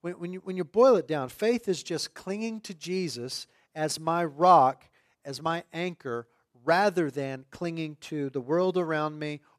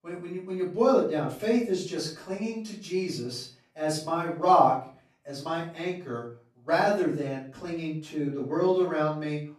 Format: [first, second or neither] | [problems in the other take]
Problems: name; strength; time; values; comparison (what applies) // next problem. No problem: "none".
first | off-mic speech; far // room echo; noticeable; dies away in 0.4 s